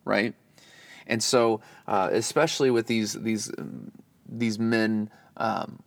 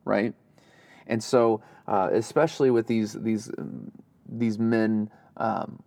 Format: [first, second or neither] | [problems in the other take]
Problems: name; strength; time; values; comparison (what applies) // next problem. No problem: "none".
first | muffled; slightly; fading above 1.5 kHz